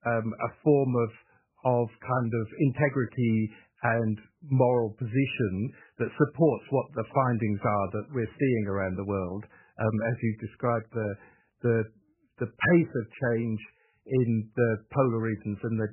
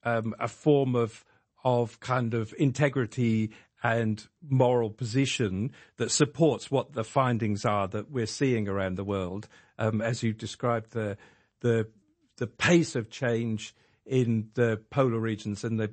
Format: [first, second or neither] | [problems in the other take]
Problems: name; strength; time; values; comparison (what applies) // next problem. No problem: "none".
second | garbled, watery; badly; nothing above 3 kHz; slightly in the second